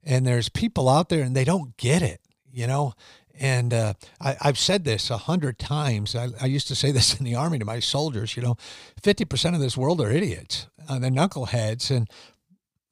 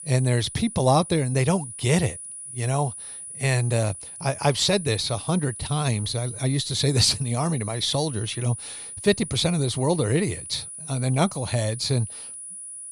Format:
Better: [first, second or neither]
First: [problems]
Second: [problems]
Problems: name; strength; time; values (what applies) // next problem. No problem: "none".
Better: first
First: none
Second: high-pitched whine; noticeable; throughout; 10 kHz, 10 dB below the speech